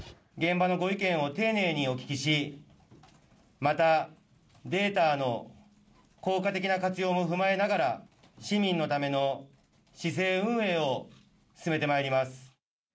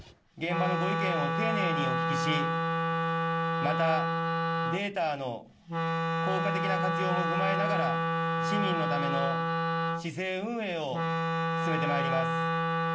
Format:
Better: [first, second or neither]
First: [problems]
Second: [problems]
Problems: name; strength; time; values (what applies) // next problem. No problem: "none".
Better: first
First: none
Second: background sound (Wind instrument, woodwind instrument); 5 dB above the speech